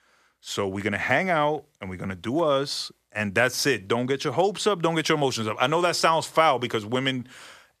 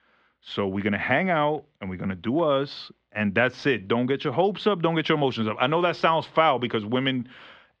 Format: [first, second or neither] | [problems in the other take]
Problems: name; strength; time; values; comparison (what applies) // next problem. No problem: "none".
first | muffled; slightly; fading above 3.5 kHz